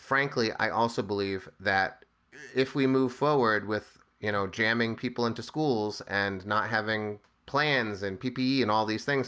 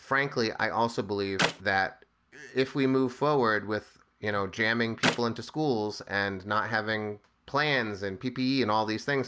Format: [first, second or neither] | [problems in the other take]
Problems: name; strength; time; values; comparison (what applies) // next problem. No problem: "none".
first | background sound (Clapping); 5 dB below the speech